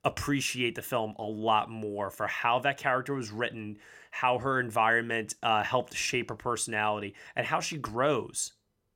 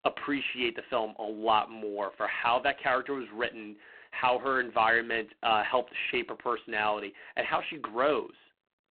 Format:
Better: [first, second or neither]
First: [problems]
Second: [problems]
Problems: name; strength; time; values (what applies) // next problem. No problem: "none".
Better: first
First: none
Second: phone-call audio; poor line